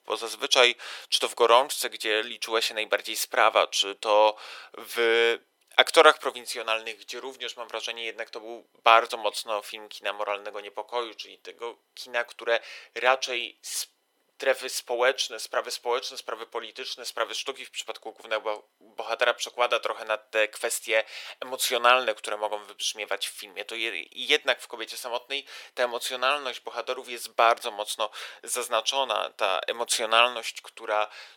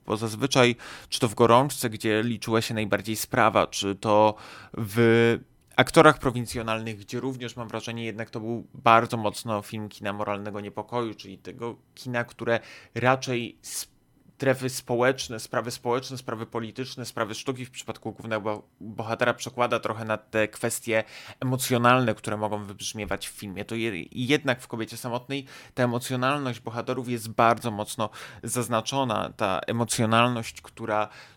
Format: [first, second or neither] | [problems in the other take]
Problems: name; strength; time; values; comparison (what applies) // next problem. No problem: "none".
second | thin; very; fading below 450 Hz